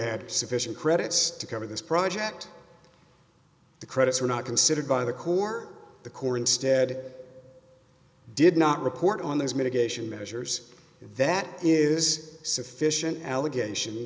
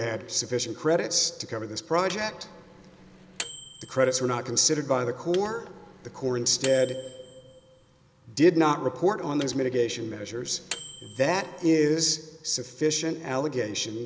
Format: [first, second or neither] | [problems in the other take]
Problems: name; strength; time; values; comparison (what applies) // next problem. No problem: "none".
first | background sound (Microwave oven); 17 dB below the speech